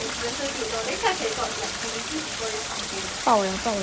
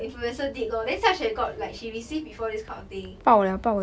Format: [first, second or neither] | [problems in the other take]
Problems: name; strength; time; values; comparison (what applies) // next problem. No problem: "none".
second | background sound (Stream); 3 dB below the speech